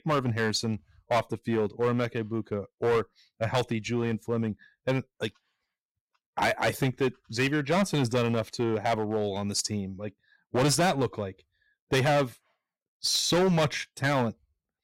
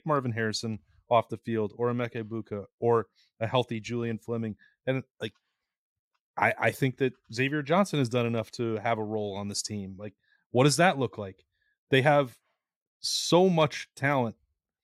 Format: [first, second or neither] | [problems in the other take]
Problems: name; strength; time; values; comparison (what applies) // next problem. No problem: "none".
second | distortion; heavy; 8% of the sound clipped